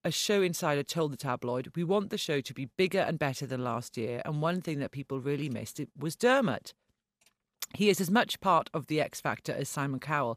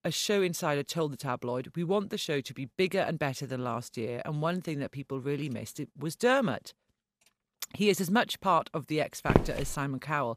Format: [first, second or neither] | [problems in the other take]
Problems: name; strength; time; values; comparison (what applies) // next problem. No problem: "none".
first | footsteps; loud; at 9.5 s; peak 3 dB above the speech